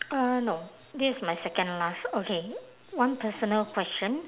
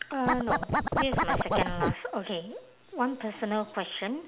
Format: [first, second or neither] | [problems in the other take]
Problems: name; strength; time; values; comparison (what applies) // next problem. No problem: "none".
first | background sound (Scratching (performance technique)); 5 dB above the speech